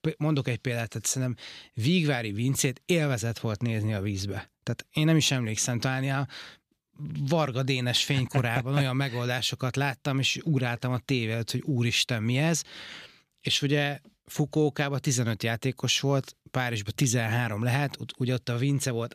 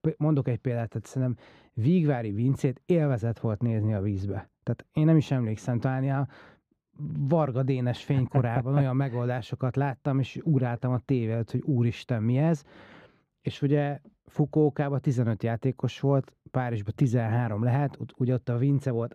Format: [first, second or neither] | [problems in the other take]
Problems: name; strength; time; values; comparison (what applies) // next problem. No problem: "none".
first | muffled; very; fading above 2 kHz